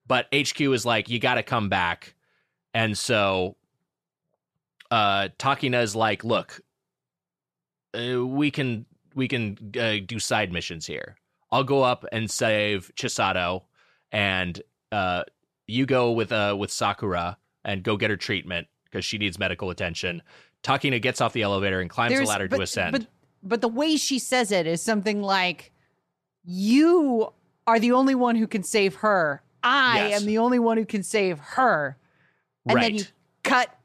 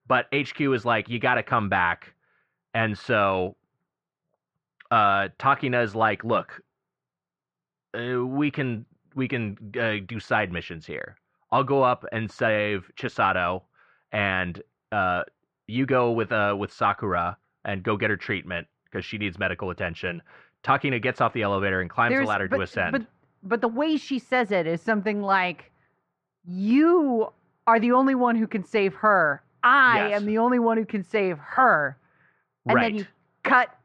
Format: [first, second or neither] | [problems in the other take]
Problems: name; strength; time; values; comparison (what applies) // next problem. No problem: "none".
first | muffled; very; fading above 2 kHz